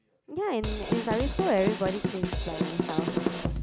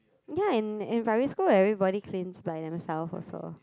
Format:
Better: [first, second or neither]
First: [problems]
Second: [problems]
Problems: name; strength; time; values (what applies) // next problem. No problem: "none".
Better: second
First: background sound (Drum kit); 1 dB above the speech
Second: none